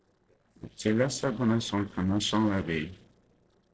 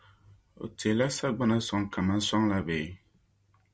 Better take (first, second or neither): second